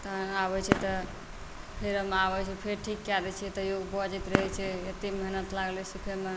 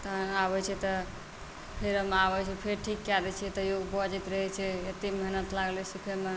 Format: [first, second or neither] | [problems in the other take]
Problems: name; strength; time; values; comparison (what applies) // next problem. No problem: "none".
second | background sound (Fireworks); 4 dB below the speech